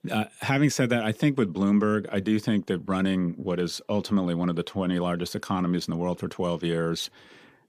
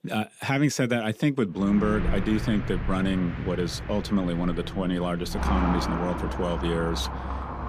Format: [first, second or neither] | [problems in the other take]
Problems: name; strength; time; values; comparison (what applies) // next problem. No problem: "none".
first | traffic noise; loud; from 1.5 s on; 5 dB below the speech